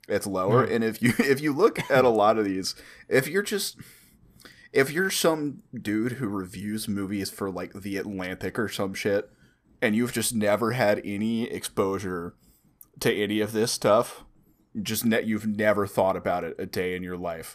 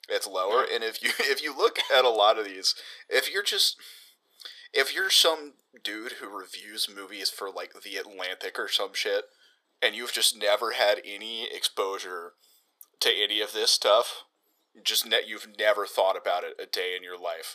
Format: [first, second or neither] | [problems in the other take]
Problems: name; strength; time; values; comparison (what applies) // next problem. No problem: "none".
first | thin; very; fading below 450 Hz